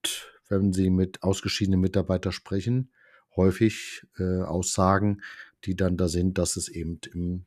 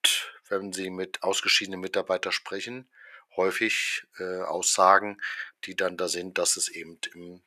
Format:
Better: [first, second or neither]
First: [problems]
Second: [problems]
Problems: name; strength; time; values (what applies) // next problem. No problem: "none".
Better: first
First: none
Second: thin; very; fading below 700 Hz